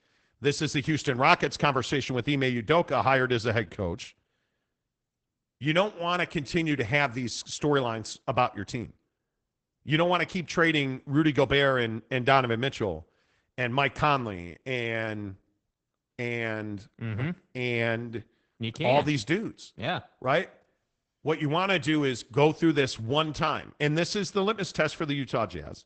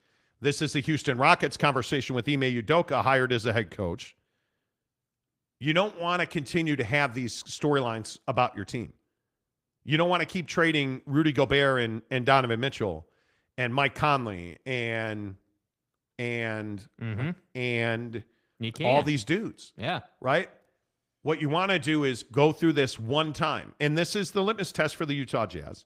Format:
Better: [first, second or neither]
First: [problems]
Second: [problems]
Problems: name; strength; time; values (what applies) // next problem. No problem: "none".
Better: second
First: garbled, watery; badly; nothing above 8 kHz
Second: garbled, watery; slightly; nothing above 15.5 kHz